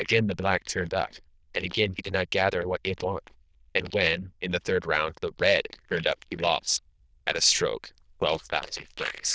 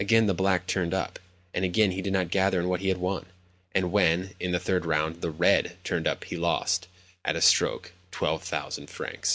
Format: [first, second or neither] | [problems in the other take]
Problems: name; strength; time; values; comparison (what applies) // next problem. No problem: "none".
second | noise reduction (neural diffusion model UNIVERSE++)